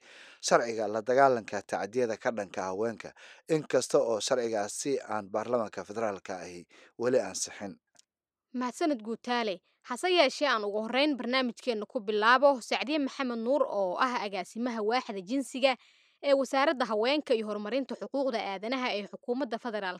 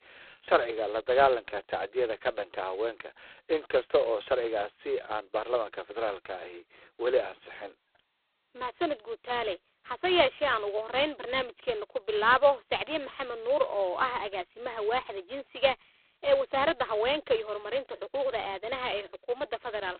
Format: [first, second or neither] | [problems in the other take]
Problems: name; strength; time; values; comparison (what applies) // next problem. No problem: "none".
first | phone-call audio; poor line; nothing above 4 kHz